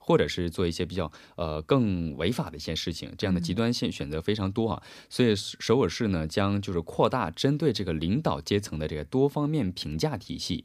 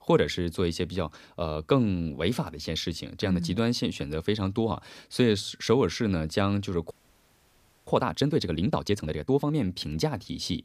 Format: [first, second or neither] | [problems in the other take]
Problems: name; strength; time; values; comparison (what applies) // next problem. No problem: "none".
first | audio freezing; at 7 s for 1 s